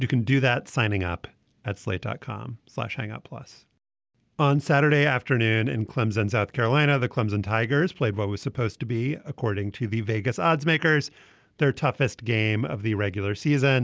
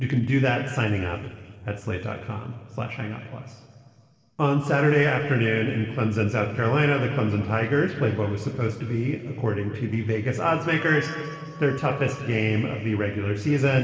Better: first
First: none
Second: noise reduction (neural separator model SepFormer DNS4)

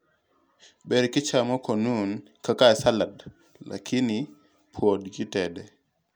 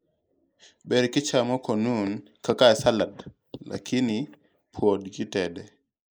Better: first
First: none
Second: noise reduction (neural mask model Resemble Enhance denoiser)

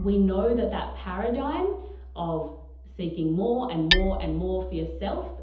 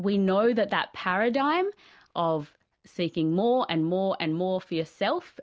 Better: second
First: background sound (Hammer); 5 dB below the speech // room echo; dies away in 0.8 s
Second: none

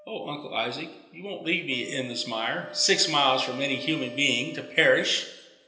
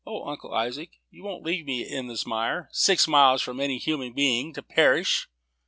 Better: second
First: background sound (Wind instrument, woodwind instrument); 18 dB below the speech // room echo; dies away in 1.4 s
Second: none

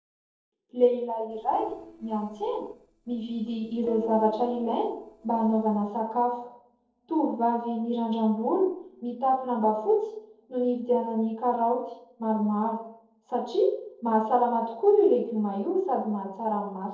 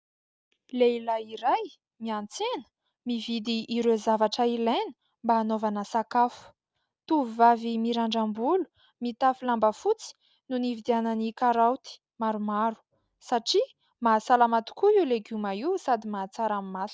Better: second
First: noise reduction (neural separator model SepFormer DNS4)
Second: none

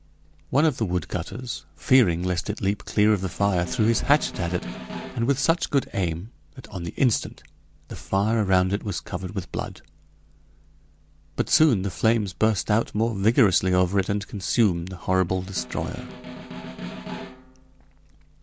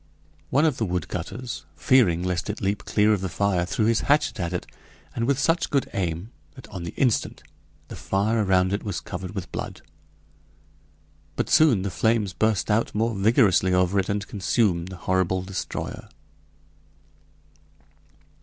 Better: second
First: background sound (Snare drum); 13 dB below the speech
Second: none

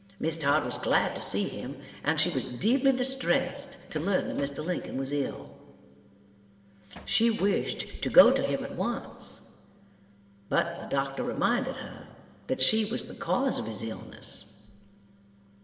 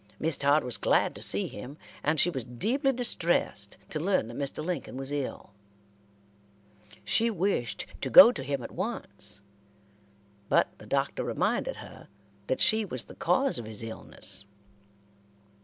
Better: second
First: background sound (Bass drum); 18 dB below the speech // room echo; dies away in 3 s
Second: none

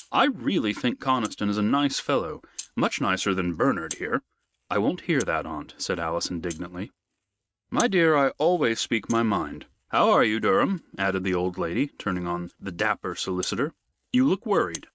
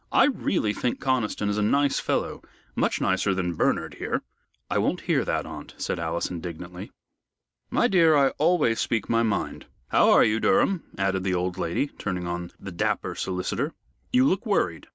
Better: second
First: noise reduction (neural mask model RNNoise)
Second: none

